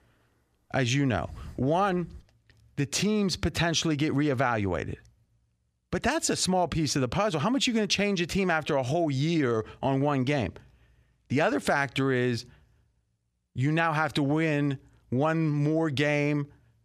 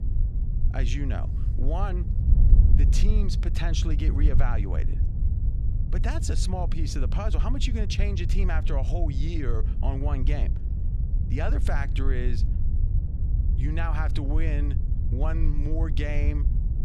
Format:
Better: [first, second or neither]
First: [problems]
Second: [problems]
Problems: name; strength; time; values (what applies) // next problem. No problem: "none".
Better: first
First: none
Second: wind noise on the microphone; heavy; 8 dB below the speech